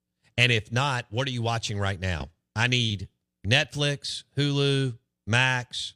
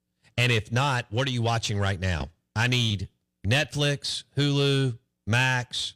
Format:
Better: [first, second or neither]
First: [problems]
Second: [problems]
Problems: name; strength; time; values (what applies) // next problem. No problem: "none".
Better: first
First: none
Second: distortion; slight; 10 dB below the speech